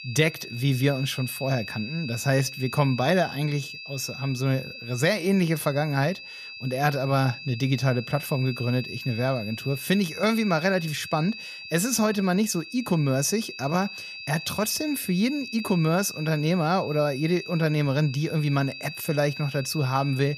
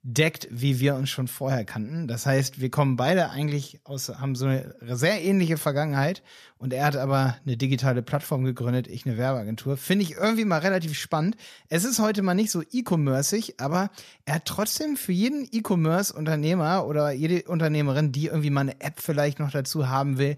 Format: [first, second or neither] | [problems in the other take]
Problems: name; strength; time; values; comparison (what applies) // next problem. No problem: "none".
second | high-pitched whine; noticeable; throughout; 2.5 kHz, 10 dB below the speech